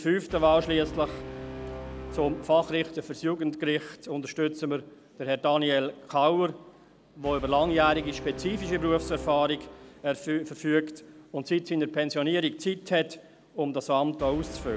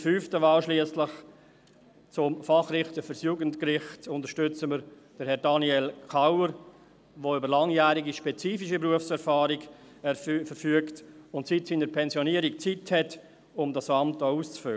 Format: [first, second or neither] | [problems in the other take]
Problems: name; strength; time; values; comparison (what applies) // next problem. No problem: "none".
second | background sound (Brass instrument); 15 dB below the speech